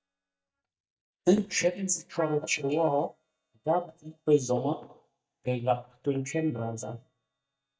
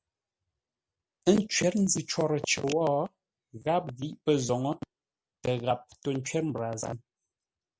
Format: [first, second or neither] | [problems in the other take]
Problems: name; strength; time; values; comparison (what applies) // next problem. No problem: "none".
second | noise reduction (neural mask model DeepFilterNet 3)